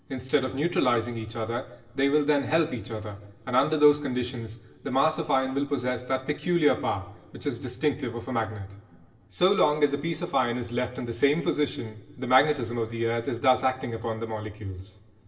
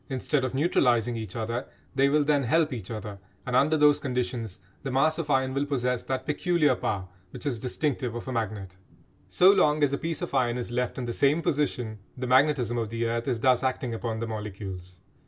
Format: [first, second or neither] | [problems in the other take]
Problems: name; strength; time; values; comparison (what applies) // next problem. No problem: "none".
second | room echo; dies away in 2.6 s